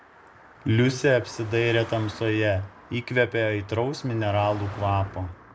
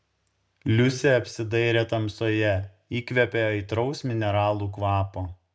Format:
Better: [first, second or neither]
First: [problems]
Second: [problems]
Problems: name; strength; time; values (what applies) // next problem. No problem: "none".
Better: second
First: background sound (Car passing by); 18 dB below the speech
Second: none